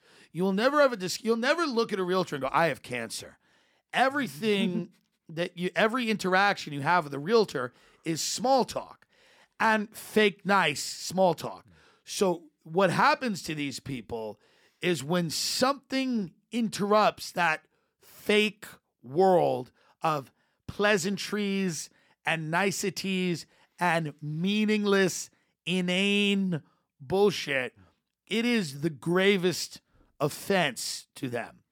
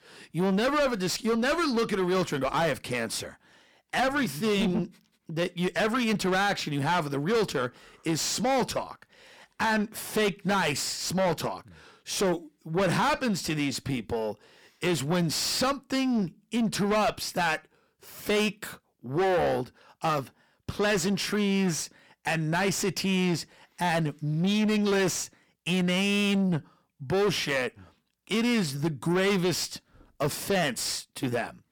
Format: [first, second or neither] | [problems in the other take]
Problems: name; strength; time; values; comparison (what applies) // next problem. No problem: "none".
first | distortion; heavy; 6 dB below the speech